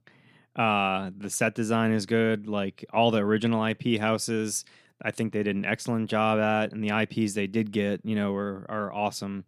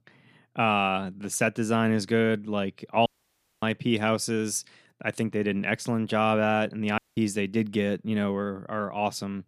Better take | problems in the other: first | audio cutting out; at 3 s for 0.5 s and at 7 s

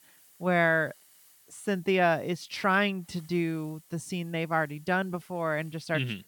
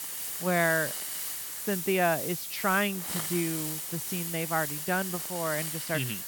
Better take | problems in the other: first | hiss; loud; throughout; 2 dB below the speech; faint in the first

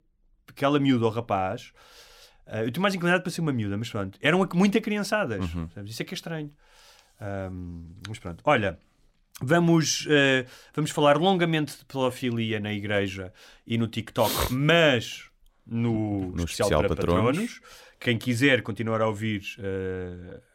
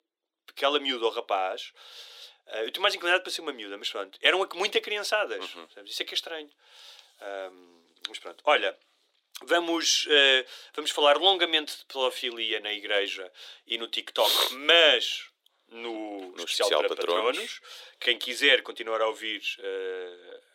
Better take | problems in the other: first | thin; very; fading below 350 Hz

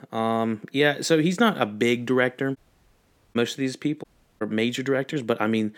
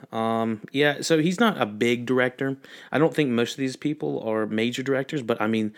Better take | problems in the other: second | audio cutting out; at 2.5 s for 1 s and at 4 s

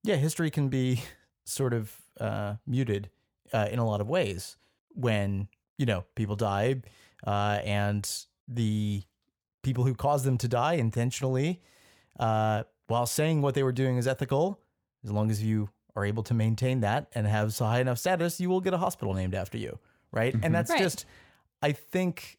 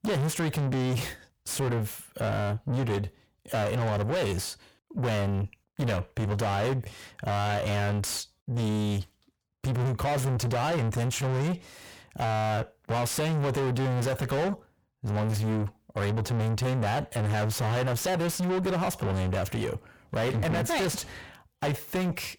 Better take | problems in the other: first | distortion; heavy; 6 dB below the speech

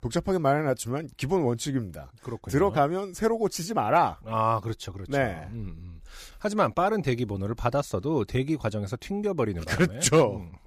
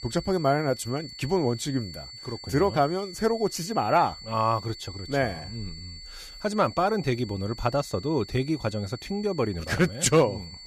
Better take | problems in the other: first | high-pitched whine; noticeable; throughout; 4.5 kHz, 15 dB below the speech

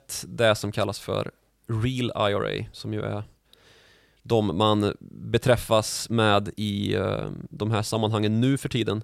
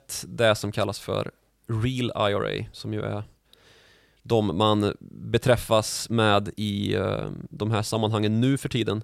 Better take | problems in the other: neither | none

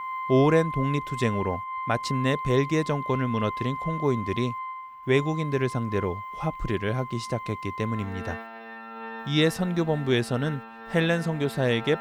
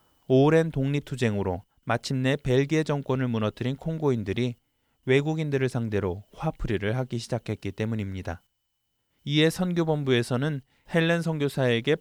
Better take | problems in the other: second | background music; loud; throughout; 9 dB below the speech

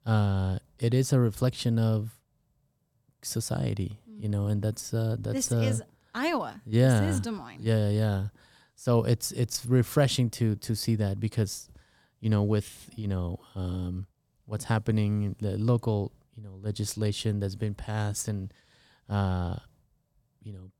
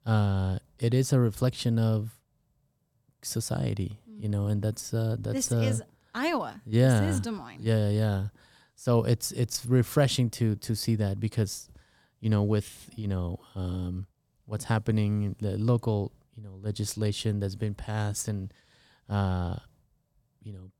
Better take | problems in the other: neither | none

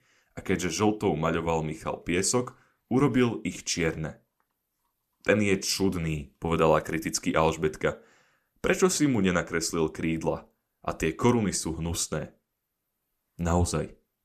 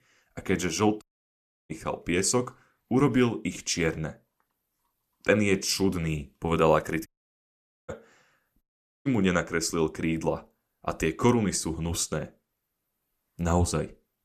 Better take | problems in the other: first | audio cutting out; at 1 s for 0.5 s, at 7 s for 1 s and at 8.5 s

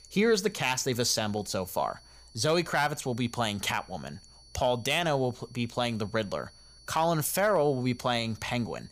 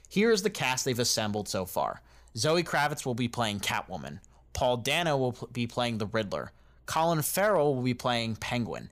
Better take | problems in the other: second | high-pitched whine; faint; throughout; 4.5 kHz, 25 dB below the speech

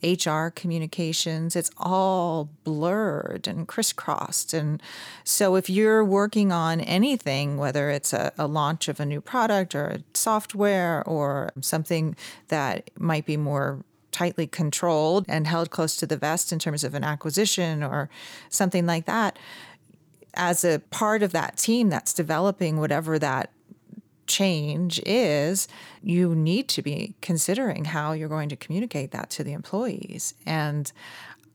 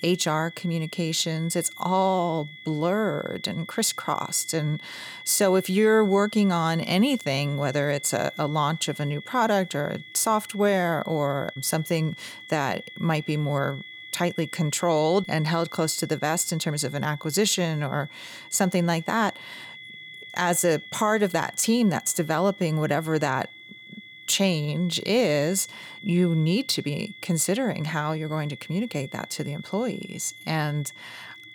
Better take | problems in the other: first | high-pitched whine; noticeable; throughout; 2 kHz, 15 dB below the speech

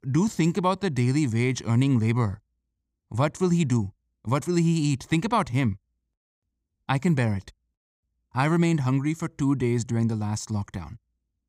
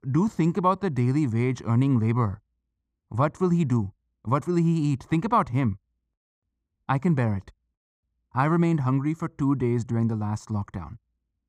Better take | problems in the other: first | muffled; slightly; fading above 2 kHz

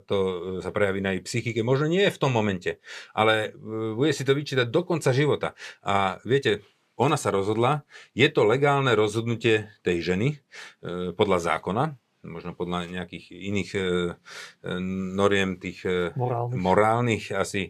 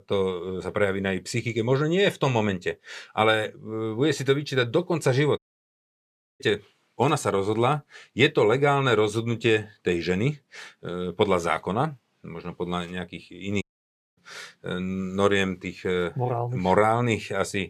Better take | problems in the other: first | audio cutting out; at 5.5 s for 1 s and at 14 s for 0.5 s

